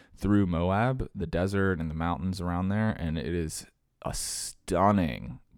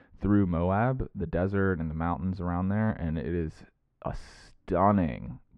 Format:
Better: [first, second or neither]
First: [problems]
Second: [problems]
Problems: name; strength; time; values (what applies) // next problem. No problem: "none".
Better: first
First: none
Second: muffled; very; fading above 2 kHz